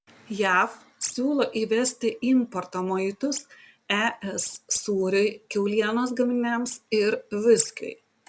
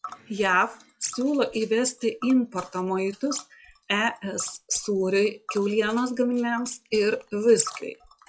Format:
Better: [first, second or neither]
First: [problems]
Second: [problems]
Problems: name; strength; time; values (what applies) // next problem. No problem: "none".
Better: first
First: none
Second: noise reduction (classical method log-MMSE)